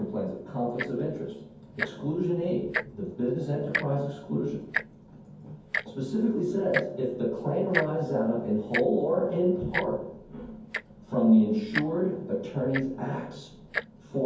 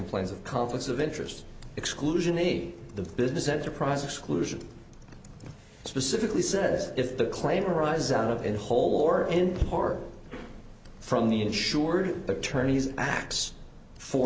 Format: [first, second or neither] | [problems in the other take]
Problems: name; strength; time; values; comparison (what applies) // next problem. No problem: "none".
second | background sound (Tick-tock); 10 dB below the speech // room echo; dies away in 0.6 s